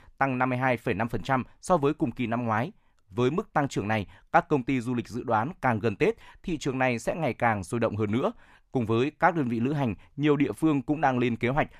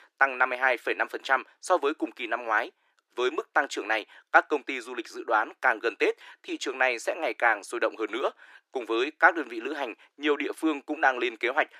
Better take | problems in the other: first | thin; very; fading below 300 Hz

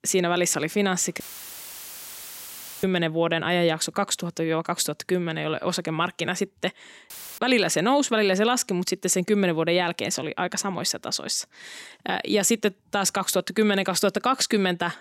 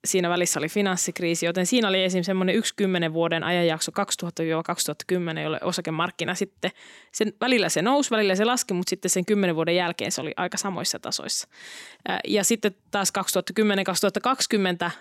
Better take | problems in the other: second | audio cutting out; filled with static; at 1 s for 1.5 s and at 7 s

